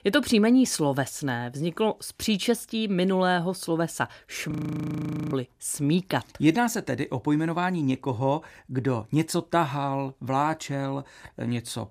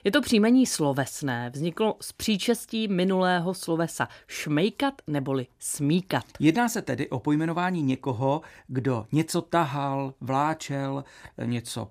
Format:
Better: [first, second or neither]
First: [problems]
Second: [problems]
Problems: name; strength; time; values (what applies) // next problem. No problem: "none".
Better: second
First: audio freezing; at 4.5 s for 1 s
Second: none